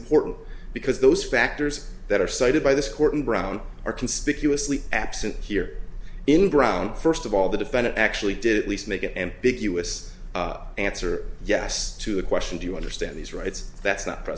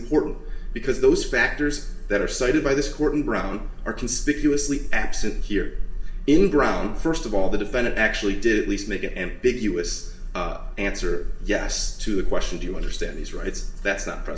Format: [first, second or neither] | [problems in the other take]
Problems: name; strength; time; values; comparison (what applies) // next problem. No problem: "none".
first | room echo; dies away in 0.5 s